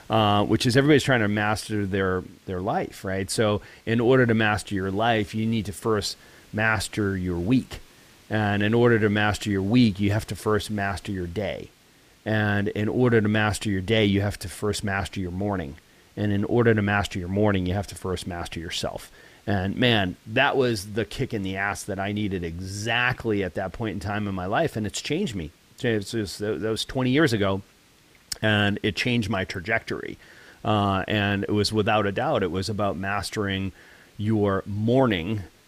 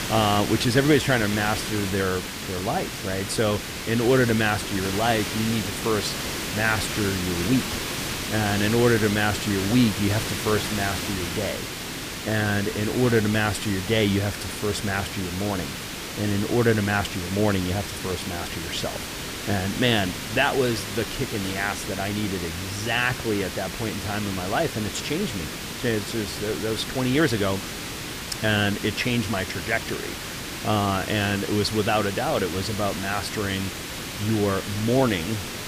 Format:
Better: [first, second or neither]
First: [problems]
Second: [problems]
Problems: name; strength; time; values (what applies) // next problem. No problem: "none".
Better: first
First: hiss; faint; throughout; 30 dB below the speech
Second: hiss; loud; throughout; 5 dB below the speech